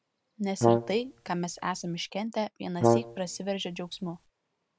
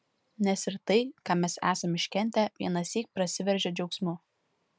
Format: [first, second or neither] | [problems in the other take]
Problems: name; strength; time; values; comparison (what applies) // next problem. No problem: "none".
second | background sound (Brass instrument); 4 dB above the speech